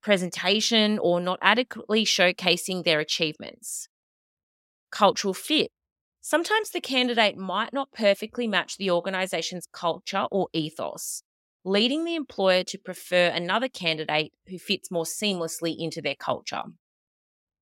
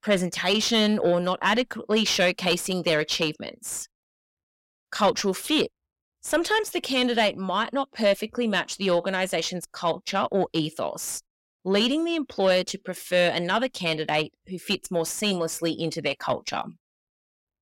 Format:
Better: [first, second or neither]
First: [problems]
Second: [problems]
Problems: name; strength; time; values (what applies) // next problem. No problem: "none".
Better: first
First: none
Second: distortion; slight; 10 dB below the speech